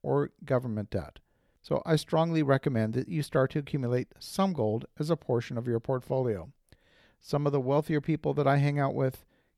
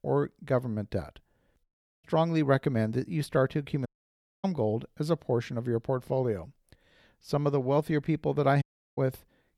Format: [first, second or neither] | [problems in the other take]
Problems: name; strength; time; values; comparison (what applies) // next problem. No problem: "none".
first | audio cutting out; at 1.5 s, at 4 s for 0.5 s and at 8.5 s